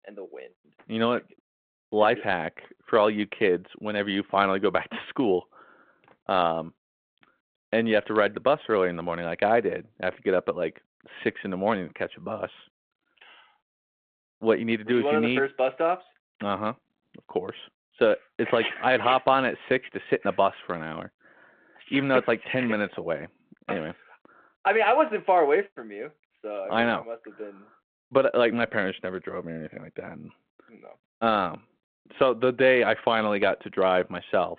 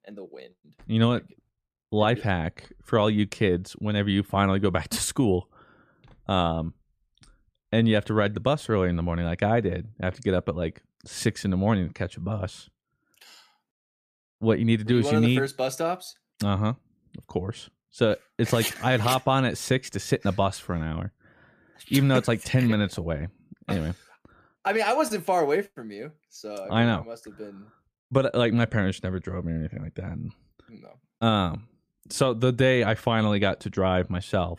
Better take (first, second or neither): second